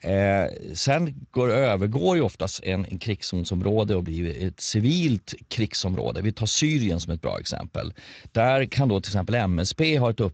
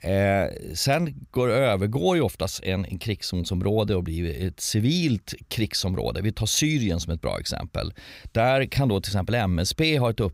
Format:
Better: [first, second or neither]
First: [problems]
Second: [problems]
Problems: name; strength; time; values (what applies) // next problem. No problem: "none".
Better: second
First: garbled, watery; slightly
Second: none